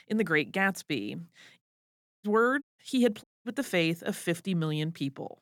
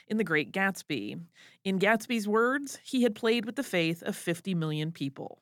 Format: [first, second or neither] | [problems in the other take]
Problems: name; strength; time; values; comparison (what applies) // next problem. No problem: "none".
second | audio cutting out; at 1.5 s for 0.5 s, at 2.5 s and at 3 s